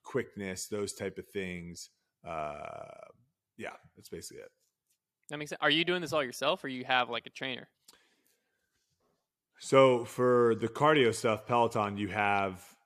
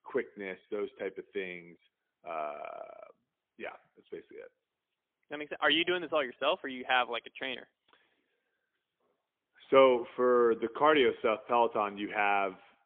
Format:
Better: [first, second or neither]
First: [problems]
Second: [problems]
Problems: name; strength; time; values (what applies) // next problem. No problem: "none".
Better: first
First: none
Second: phone-call audio; poor line; nothing above 3.5 kHz